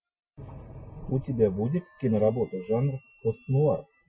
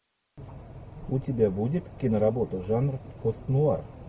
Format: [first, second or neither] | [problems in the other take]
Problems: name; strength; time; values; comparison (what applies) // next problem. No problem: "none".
second | noise reduction (classical method Wiener filter)